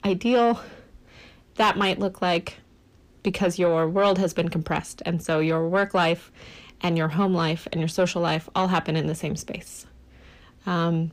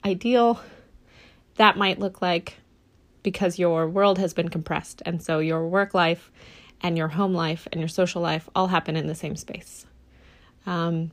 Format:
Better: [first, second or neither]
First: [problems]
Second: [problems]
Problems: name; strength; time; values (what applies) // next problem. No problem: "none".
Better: second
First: distortion; slight; 10 dB below the speech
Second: none